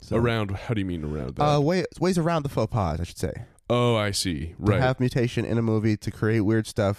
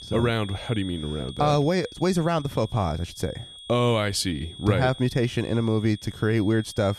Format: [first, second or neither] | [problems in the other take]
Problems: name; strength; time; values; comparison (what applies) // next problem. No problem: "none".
first | high-pitched whine; noticeable; throughout; 3.5 kHz, 15 dB below the speech